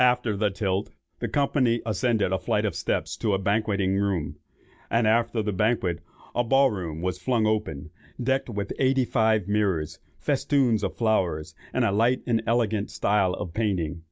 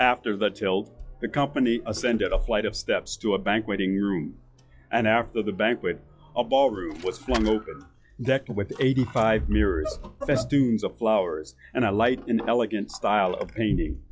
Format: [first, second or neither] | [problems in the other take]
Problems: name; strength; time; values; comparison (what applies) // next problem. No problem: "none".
first | noise reduction (classical method log-MMSE)